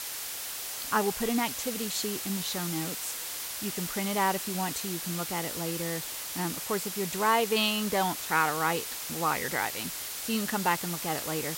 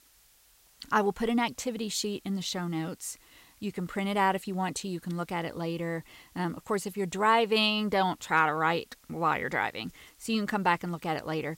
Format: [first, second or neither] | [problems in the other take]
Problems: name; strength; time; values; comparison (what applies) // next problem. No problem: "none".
second | hiss; loud; throughout; 3 dB below the speech; faint in the second